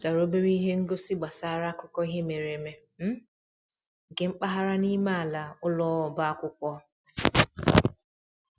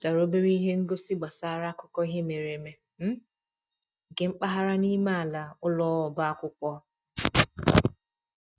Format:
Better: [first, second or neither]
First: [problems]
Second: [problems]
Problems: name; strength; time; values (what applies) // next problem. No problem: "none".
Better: first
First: none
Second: noise reduction (neural mask model DeepFilterNet 3)